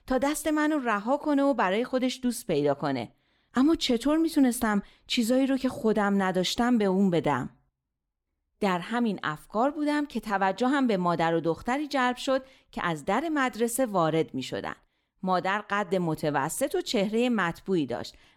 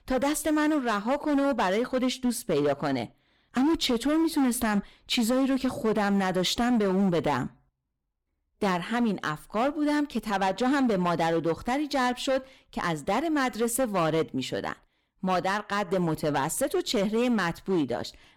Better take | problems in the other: first | distortion; slight; 13% of the sound clipped

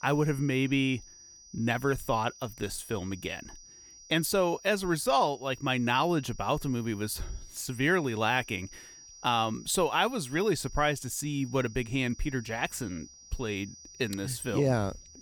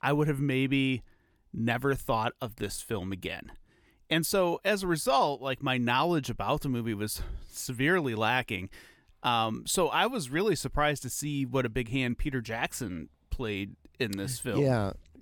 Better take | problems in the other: second | high-pitched whine; noticeable; throughout; 6 kHz, 20 dB below the speech

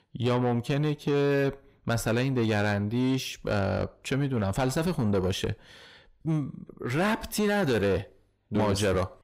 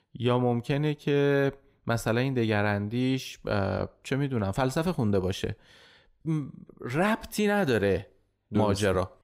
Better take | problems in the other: second | distortion; slight; 10 dB below the speech

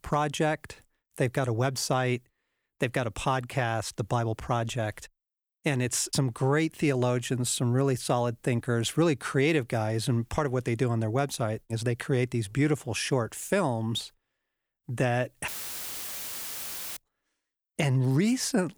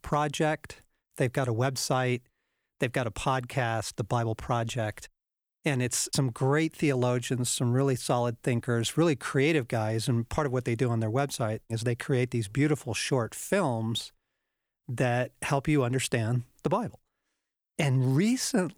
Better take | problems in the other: second | audio cutting out; filled with static; at 15 s for 1.5 s

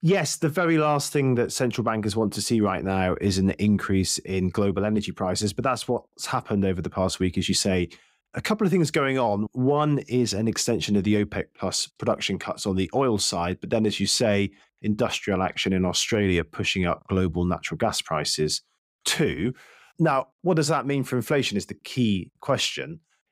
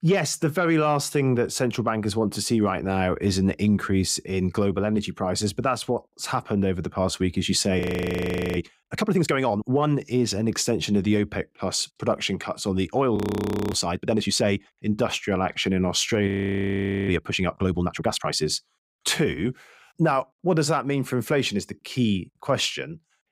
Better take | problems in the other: first | audio freezing; at 8 s for 1 s, at 13 s for 0.5 s and at 16 s for 1 s

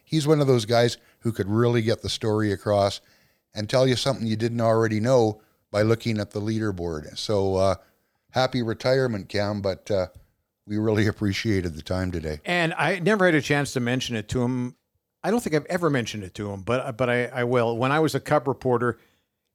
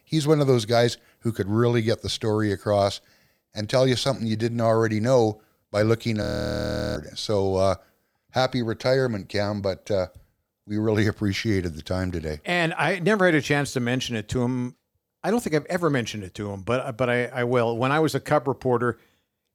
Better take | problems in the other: first | audio freezing; at 6 s for 0.5 s

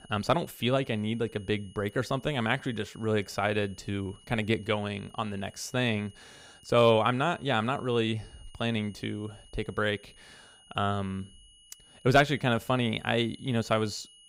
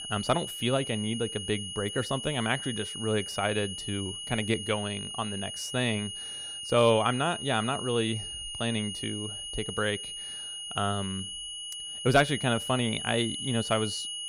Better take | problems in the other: first | high-pitched whine; loud; throughout; 3 kHz, 6 dB below the speech; faint in the first

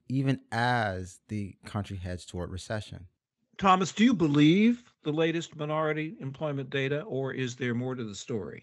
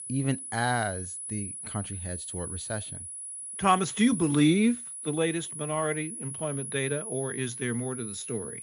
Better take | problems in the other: first | high-pitched whine; loud; throughout; 10.5 kHz, 6 dB below the speech

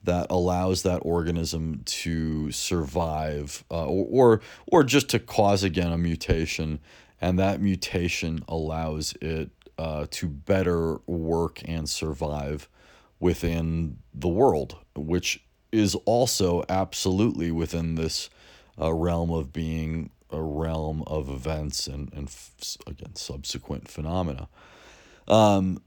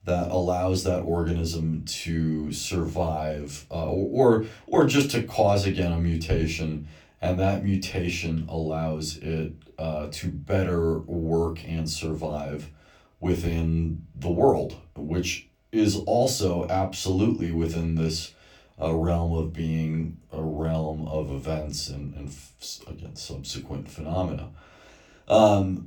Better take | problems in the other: first | off-mic speech; far // room echo; very slight; dies away in 0.2 s

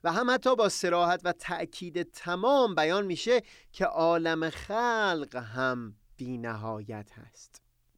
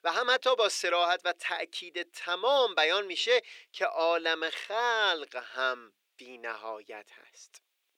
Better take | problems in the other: first | thin; very; fading below 450 Hz

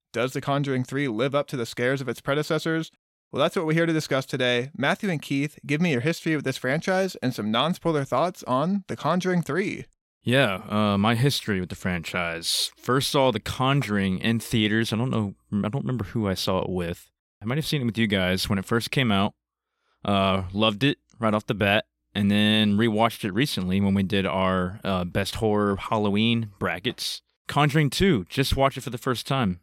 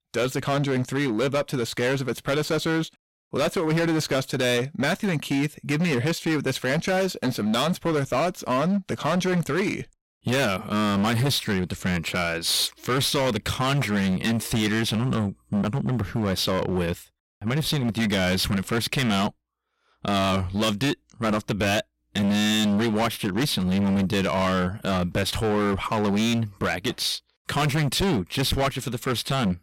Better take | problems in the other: first | distortion; heavy; 20% of the sound clipped

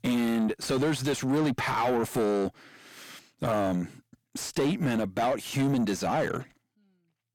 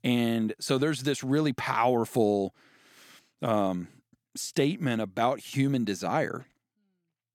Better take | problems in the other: second | distortion; heavy; 7 dB below the speech

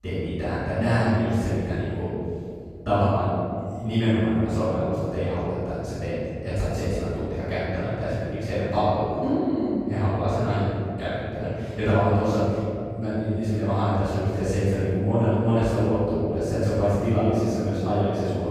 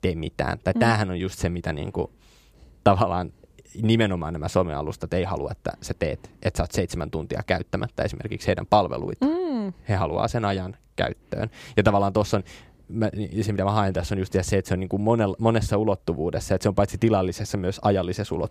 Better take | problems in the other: second | off-mic speech; far // room echo; strong; dies away in 2.4 s

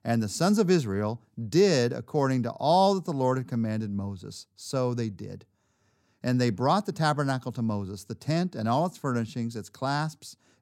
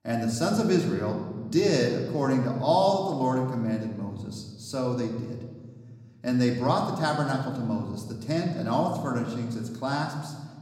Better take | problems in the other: first | room echo; slight; dies away in 1.2 s // off-mic speech; somewhat distant

